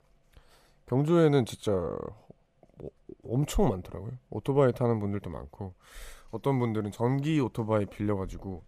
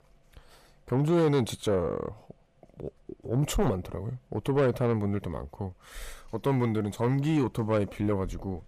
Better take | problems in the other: first | distortion; slight; 10 dB below the speech

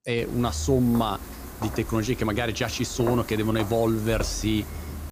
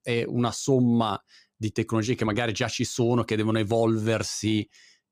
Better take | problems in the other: second | footsteps; noticeable; peak 8 dB below the speech

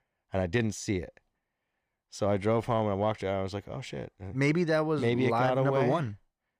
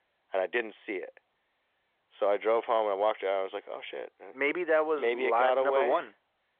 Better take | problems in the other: first | phone-call audio; nothing above 3.5 kHz

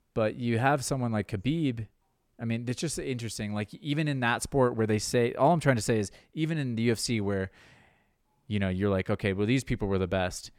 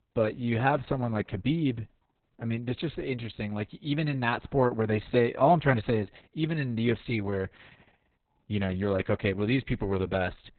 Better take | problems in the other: first | garbled, watery; badly; nothing above 4 kHz

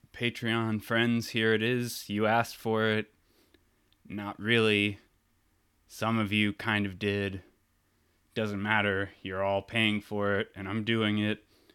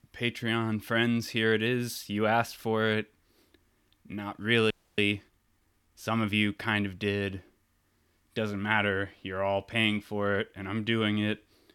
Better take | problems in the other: first | audio freezing; at 4.5 s

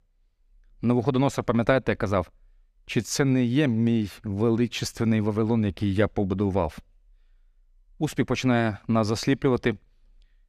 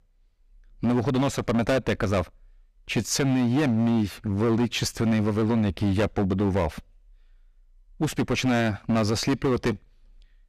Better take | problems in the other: first | distortion; heavy; 13% of the sound clipped

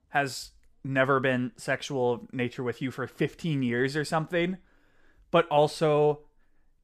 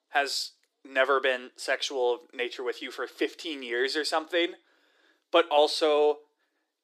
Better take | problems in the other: first | thin; very; fading below 300 Hz

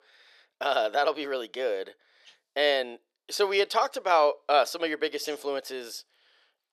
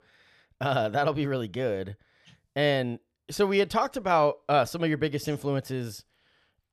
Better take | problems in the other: second | thin; very; fading below 400 Hz

